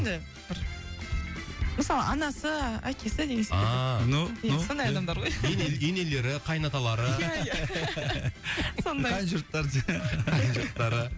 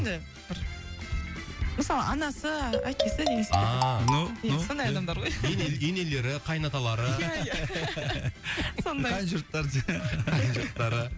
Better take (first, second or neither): first